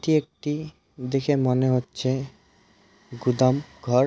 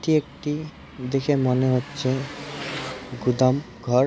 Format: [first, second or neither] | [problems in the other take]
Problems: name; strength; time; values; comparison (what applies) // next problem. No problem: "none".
first | background sound (Engine); 14 dB below the speech